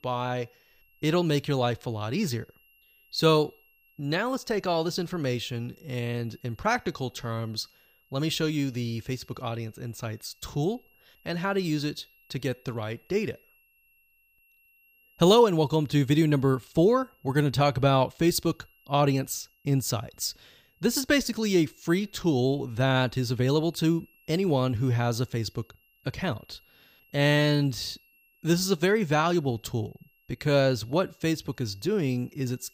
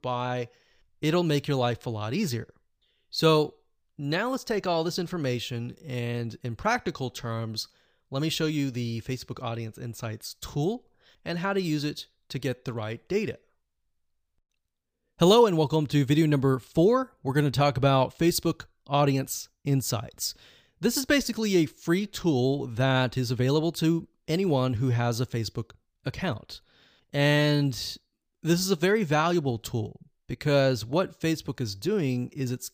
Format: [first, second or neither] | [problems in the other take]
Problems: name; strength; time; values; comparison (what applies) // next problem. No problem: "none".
second | high-pitched whine; faint; throughout; 3 kHz, 35 dB below the speech